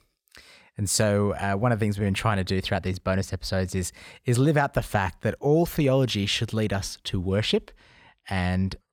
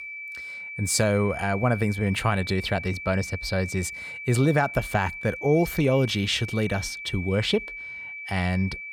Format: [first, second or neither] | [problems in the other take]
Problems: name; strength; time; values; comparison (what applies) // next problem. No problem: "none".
first | high-pitched whine; loud; throughout; 2.5 kHz, 9 dB below the speech